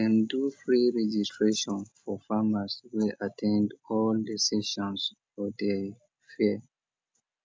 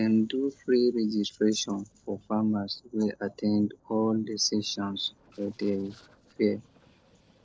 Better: first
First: none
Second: noise reduction (neural separator model SepFormer DNS4)

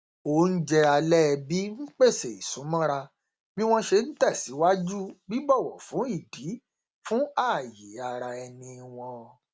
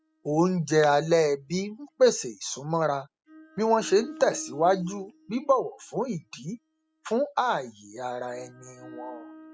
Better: first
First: none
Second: noise reduction (classical method spectral subtraction)

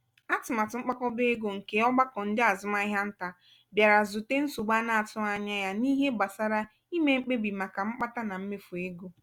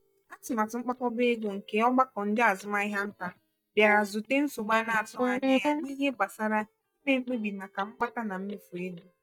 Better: first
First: none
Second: noise reduction (neural mask model DeepFilterNet 3)

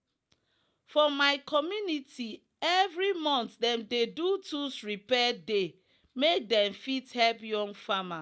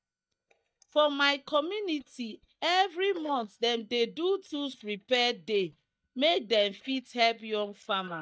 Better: first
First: none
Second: noise reduction (neural mask model DeepFilterNet 3)

